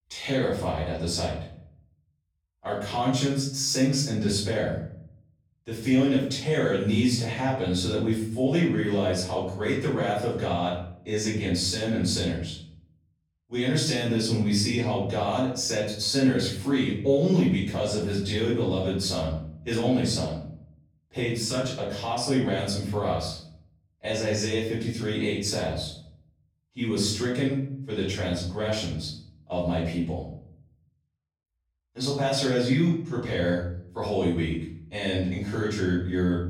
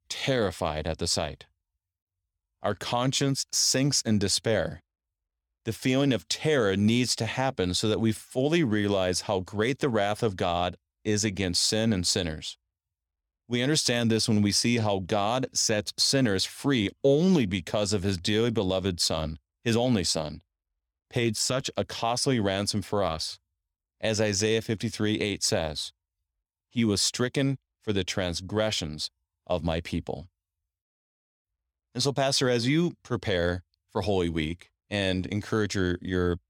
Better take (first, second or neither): second